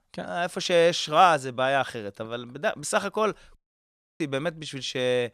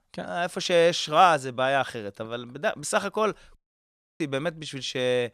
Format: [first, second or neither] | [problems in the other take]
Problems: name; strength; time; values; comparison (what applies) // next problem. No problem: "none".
neither | audio cutting out; at 3.5 s for 0.5 s; the same in both